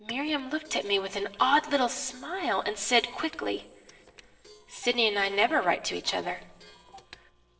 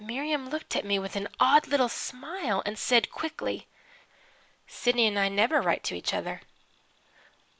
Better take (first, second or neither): second